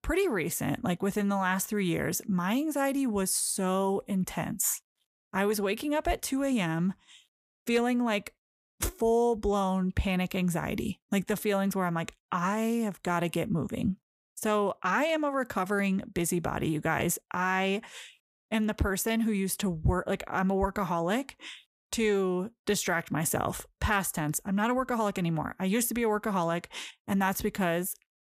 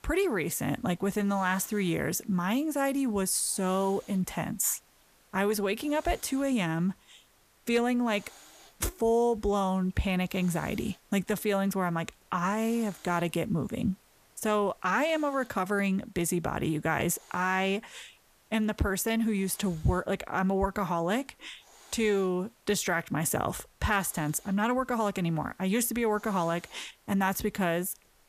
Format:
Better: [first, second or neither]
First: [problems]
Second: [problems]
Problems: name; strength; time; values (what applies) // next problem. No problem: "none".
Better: first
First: none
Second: hiss; faint; throughout; 25 dB below the speech